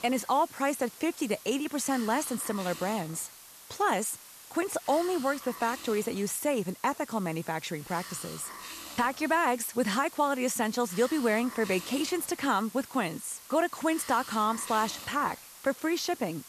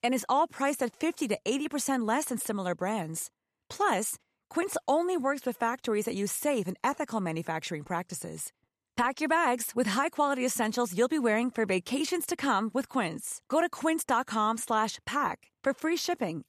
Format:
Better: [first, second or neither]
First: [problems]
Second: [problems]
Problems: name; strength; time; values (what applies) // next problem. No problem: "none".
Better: second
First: hiss; noticeable; throughout; 15 dB below the speech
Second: none